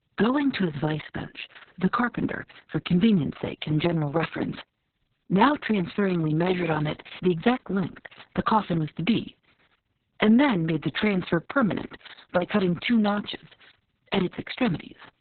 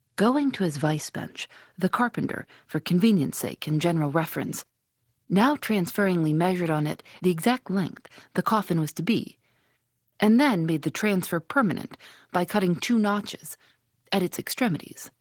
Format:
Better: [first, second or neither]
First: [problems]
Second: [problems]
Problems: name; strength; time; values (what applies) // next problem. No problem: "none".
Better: second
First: garbled, watery; badly; nothing above 4 kHz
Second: garbled, watery; slightly; nothing above 18 kHz